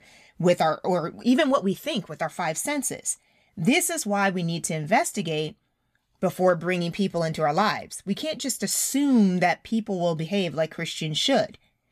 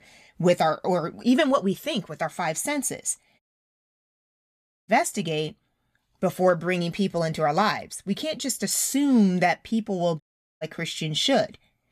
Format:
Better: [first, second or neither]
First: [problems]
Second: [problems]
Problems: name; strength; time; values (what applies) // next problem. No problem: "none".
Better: first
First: none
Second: audio cutting out; at 3.5 s for 1.5 s and at 10 s